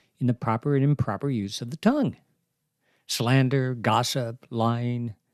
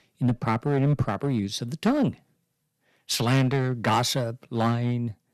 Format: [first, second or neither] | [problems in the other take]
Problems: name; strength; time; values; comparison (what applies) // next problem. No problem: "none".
first | distortion; slight; 6% of the sound clipped